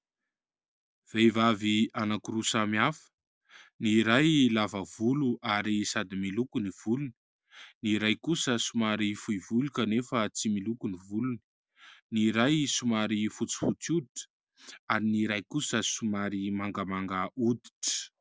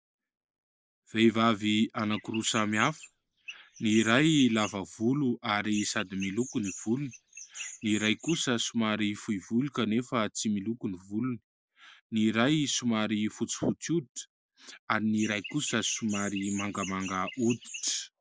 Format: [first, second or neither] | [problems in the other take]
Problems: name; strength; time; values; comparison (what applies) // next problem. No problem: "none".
first | noise reduction (neural mask model Resemble Enhance denoiser)